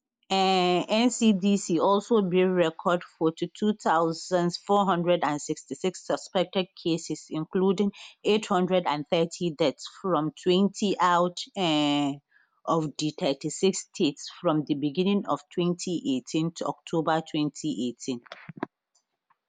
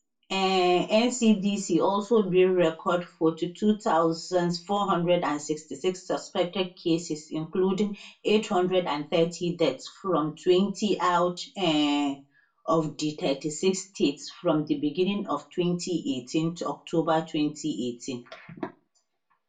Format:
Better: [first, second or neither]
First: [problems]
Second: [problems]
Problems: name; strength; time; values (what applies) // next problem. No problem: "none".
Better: first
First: none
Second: room echo; dies away in 0.2 s